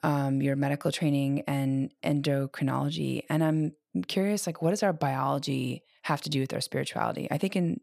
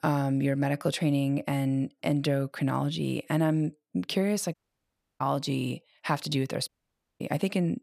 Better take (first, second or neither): first